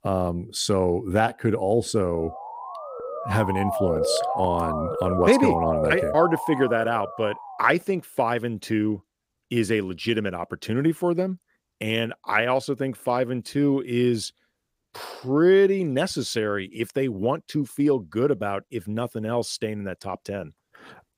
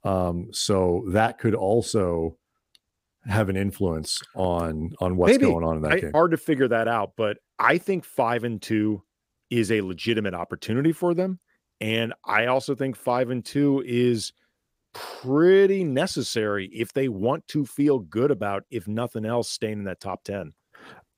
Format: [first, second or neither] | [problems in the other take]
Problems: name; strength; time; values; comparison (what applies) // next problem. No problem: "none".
second | siren; noticeable; from 2 to 7.5 s; peak level with the speech